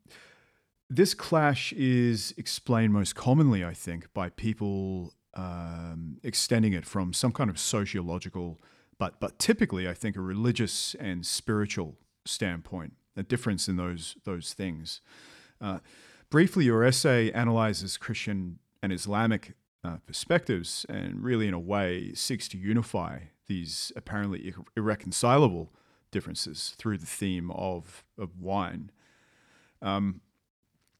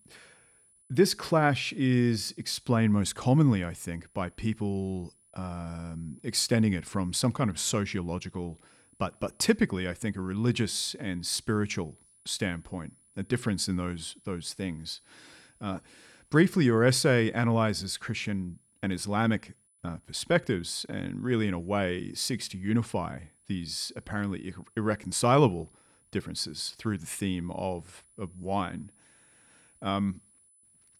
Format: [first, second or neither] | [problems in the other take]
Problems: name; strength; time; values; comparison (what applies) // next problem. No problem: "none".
first | high-pitched whine; faint; throughout; 10 kHz, 30 dB below the speech